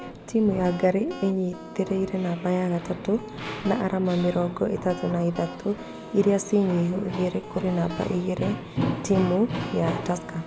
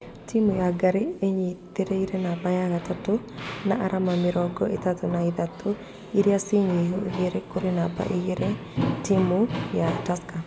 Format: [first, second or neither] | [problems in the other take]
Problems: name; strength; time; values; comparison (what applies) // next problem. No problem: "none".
second | background sound (Guitar); 17 dB below the speech